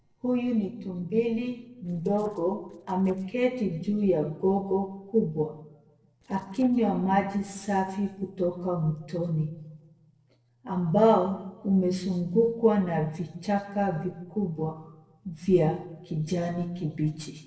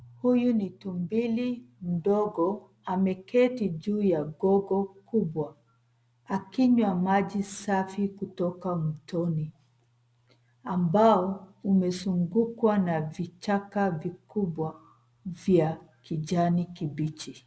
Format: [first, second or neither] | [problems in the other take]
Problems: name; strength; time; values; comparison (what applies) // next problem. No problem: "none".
second | noise reduction (neural separator model SepFormer DNS4)